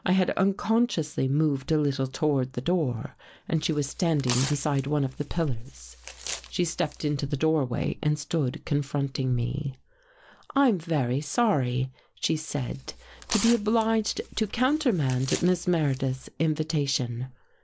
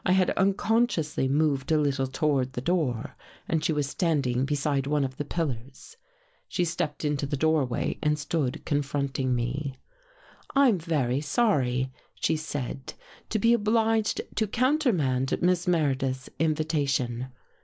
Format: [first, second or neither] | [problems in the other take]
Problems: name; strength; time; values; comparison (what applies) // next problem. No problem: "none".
second | background sound (Tearing); 13 dB below the speech